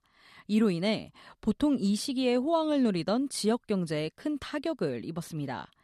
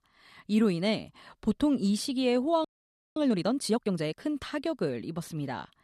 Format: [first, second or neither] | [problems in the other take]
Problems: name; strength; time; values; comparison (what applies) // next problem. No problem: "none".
first | audio freezing; at 2.5 s for 0.5 s